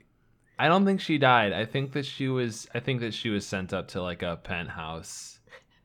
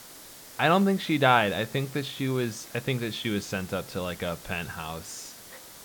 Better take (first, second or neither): first